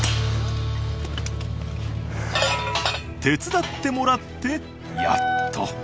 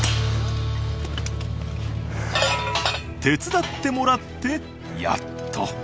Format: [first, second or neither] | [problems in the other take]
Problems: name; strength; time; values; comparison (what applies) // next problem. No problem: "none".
second | background sound (Wind instrument, woodwind instrument); 1 dB below the speech